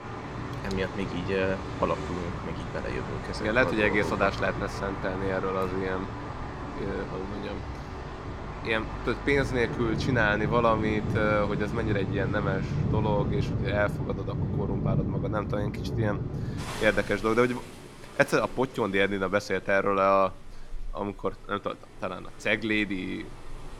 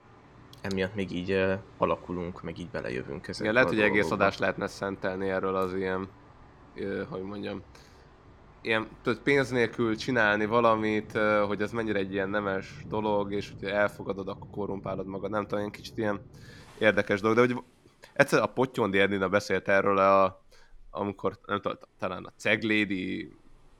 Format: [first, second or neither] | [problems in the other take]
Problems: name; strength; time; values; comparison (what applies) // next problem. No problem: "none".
second | rain or running water; loud; throughout; 5 dB below the speech; faint in the second